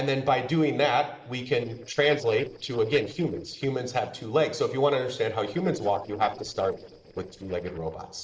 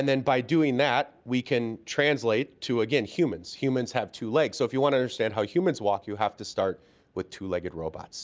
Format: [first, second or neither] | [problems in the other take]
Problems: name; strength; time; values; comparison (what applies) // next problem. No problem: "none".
second | noise reduction (neural separator model SepFormer DNS4)